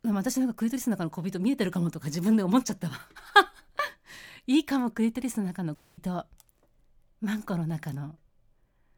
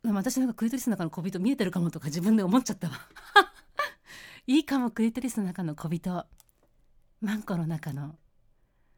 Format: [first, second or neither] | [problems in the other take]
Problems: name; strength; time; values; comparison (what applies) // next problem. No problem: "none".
second | audio cutting out; at 6 s